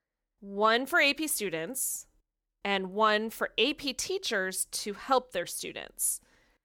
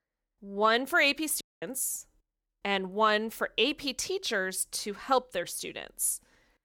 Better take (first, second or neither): first